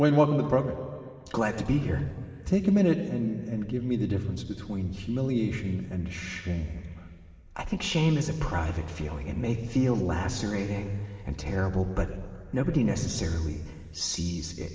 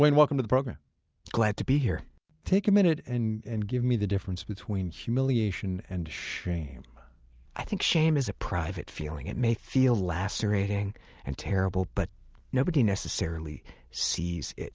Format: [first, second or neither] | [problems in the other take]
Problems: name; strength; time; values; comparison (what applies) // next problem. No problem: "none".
second | room echo; dies away in 2.8 s